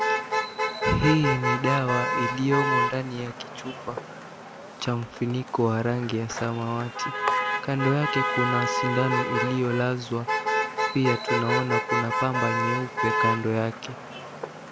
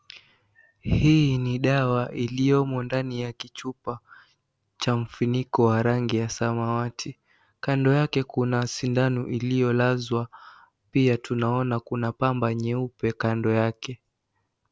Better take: second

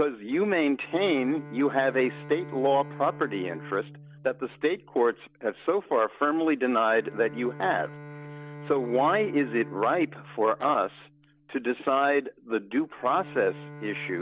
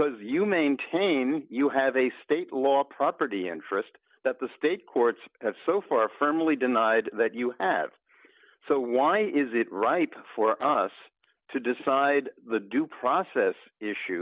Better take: second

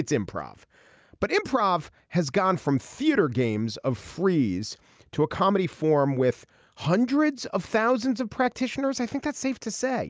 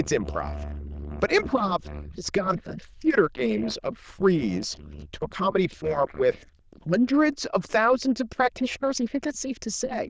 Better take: first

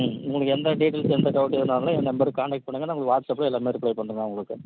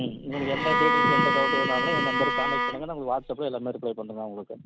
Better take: first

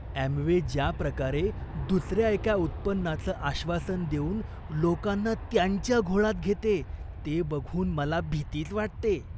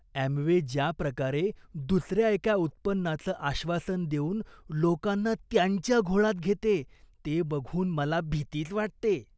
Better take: second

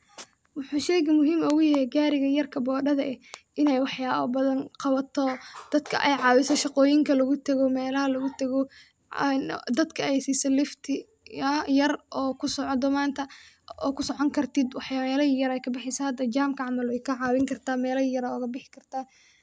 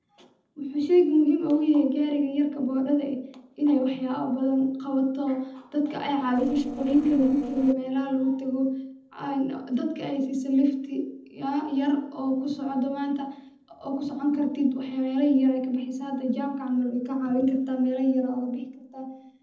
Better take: first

